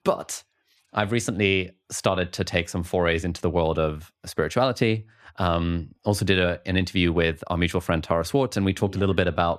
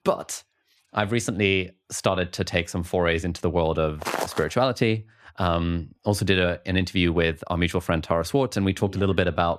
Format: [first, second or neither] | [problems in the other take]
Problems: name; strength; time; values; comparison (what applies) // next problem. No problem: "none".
first | footsteps; noticeable; at 4 s; peak 4 dB below the speech